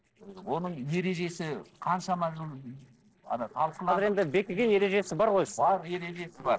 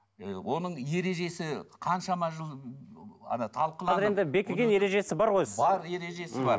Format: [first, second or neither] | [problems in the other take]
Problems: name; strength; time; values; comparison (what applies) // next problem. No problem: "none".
second | noise reduction (neural separator model SepFormer DNS4)